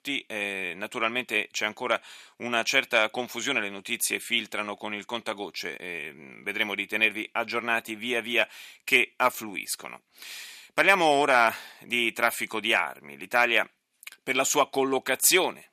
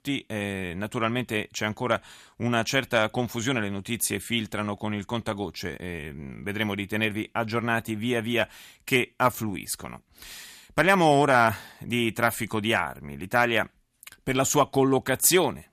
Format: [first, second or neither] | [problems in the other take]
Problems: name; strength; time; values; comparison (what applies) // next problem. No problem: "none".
second | thin; somewhat; fading below 350 Hz